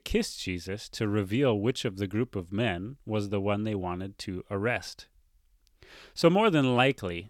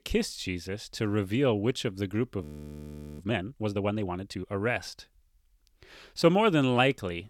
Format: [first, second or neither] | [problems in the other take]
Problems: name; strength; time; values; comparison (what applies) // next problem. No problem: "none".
first | audio freezing; at 2.5 s for 1 s